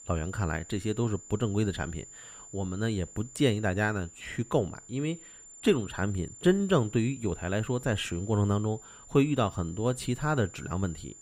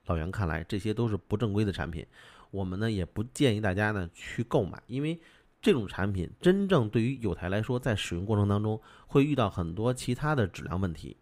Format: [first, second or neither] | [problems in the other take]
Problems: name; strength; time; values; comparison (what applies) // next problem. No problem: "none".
second | high-pitched whine; noticeable; throughout; 7 kHz, 15 dB below the speech